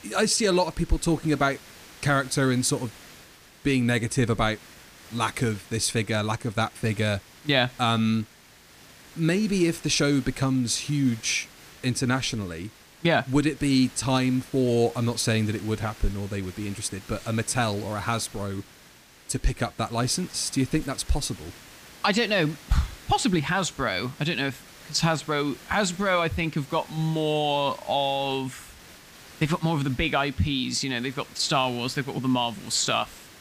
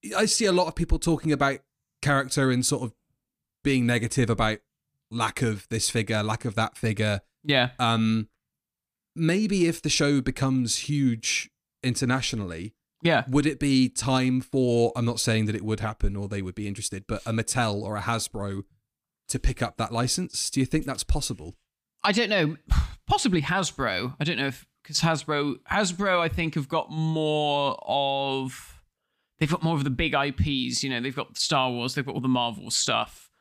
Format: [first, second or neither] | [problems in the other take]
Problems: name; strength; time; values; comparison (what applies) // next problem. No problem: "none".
second | hiss; faint; throughout; 20 dB below the speech